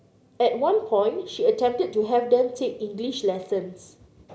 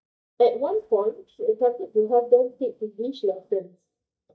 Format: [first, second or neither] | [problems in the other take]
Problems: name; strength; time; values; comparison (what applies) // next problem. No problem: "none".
first | noise reduction (neural mask model DeepFilterNet 3)